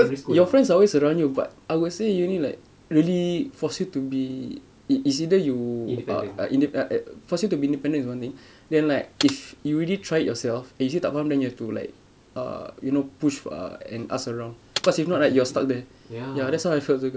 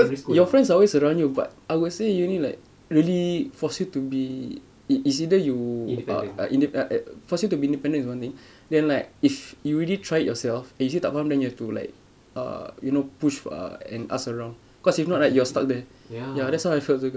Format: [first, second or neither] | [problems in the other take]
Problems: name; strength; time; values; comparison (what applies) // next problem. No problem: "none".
second | background sound (Computer keyboard); 12 dB below the speech